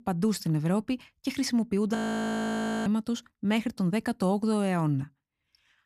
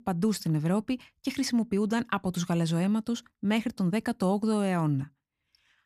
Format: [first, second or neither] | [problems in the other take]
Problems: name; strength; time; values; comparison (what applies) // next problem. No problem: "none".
second | audio freezing; at 2 s for 1 s